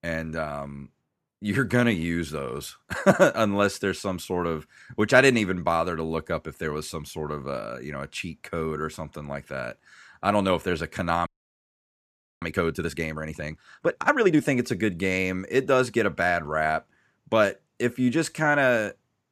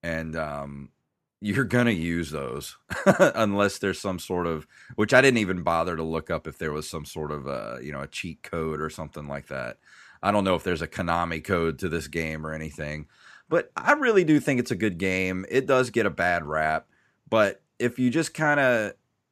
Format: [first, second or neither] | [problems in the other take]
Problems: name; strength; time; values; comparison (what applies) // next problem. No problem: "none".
second | audio freezing; at 11 s for 1 s